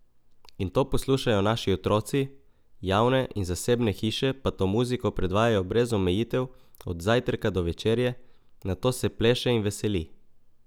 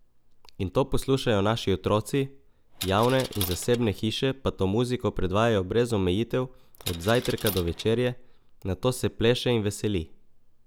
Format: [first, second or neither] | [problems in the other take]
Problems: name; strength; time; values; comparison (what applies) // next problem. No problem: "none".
first | background sound (Coin (dropping)); 12 dB below the speech